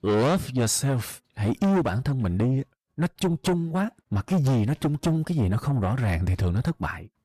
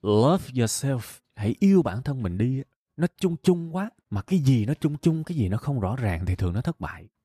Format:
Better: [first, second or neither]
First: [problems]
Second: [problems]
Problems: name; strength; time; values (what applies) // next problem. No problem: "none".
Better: second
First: distortion; heavy; 6 dB below the speech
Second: none